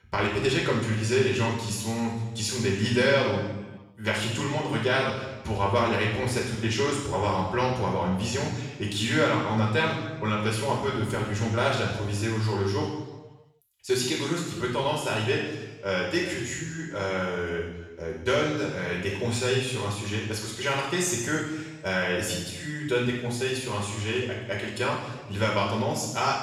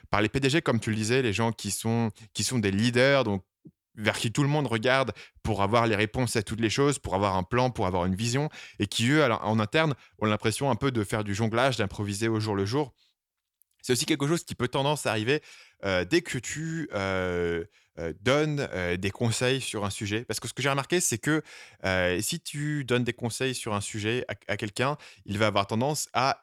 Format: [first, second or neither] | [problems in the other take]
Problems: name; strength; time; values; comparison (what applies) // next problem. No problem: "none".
second | room echo; noticeable; dies away in 1 s // off-mic speech; far